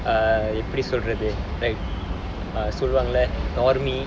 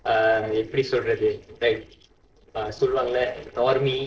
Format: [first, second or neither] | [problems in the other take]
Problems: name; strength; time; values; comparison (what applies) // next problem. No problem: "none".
first | noise reduction (neural separator model SepFormer DNS4)